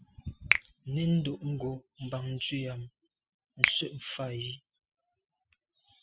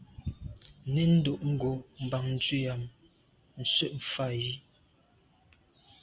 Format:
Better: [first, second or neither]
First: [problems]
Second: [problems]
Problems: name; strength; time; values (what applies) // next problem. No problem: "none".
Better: second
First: noise reduction (classical method spectral subtraction)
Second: none